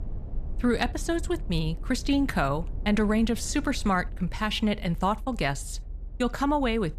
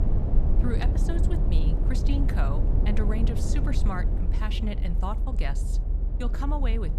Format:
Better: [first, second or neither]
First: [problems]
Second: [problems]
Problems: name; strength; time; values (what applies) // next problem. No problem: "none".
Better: first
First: low rumble; faint; throughout; 25 dB below the speech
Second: low rumble; loud; throughout; 4 dB below the speech